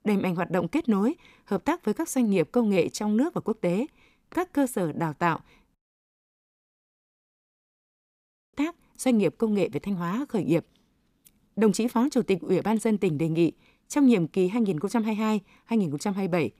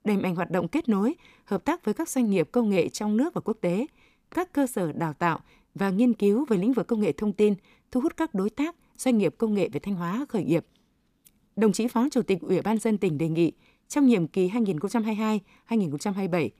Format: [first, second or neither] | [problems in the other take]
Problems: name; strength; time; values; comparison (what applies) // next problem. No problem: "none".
second | audio cutting out; at 6 s for 3 s